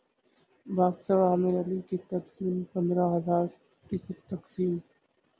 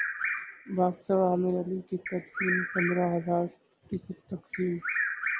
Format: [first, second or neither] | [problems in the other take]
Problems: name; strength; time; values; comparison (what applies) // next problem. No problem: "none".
first | background sound (Bird vocalization, bird call, bird song); 5 dB below the speech